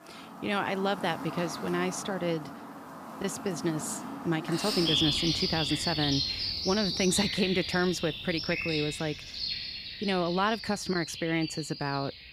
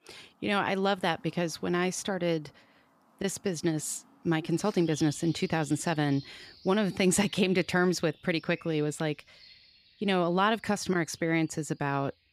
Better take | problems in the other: second | animal sounds; loud; throughout; 2 dB below the speech; faint in the second

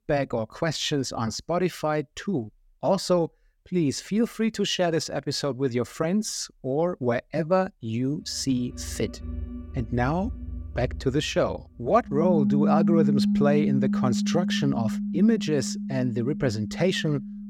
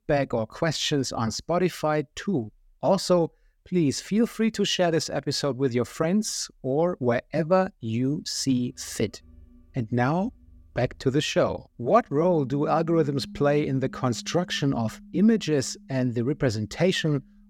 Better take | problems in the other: second | background music; loud; from 9 s on; 1 dB below the speech; faint in the second

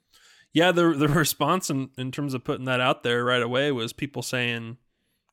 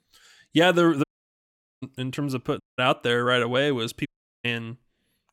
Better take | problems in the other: first | audio cutting out; at 1 s for 1 s, at 2.5 s and at 4 s

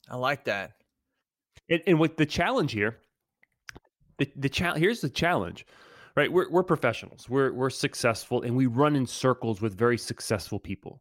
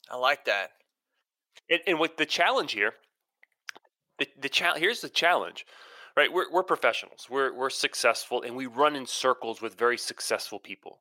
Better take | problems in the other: first | thin; very; fading below 600 Hz

